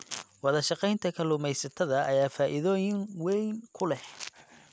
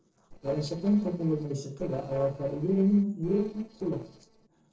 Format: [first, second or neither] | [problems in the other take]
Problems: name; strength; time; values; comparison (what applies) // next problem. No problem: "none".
first | noise reduction (neural separator model SepFormer DNS4)